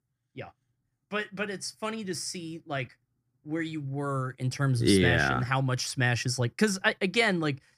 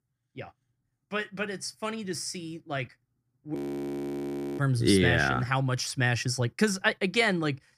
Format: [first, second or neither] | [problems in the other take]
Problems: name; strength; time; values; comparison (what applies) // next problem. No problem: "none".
first | audio freezing; at 3.5 s for 1 s